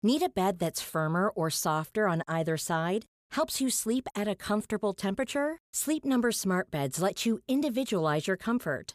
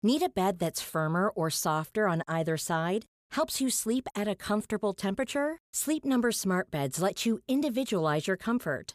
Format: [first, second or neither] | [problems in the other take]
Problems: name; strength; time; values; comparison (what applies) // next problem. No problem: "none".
neither | none